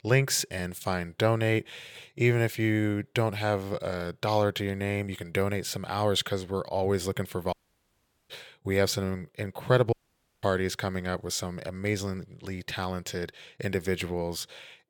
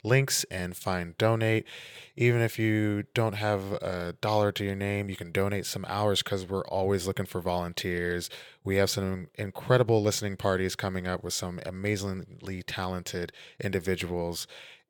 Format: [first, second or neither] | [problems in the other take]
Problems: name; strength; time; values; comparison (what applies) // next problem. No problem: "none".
second | audio cutting out; at 7.5 s for 1 s and at 10 s for 0.5 s